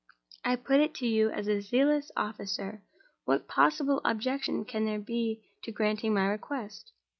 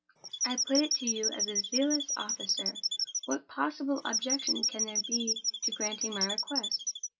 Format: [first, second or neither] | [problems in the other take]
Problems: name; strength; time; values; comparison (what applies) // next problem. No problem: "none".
first | background sound (Squeak / Chirp, tweet); 2 dB above the speech // room echo; dies away in 0.1 s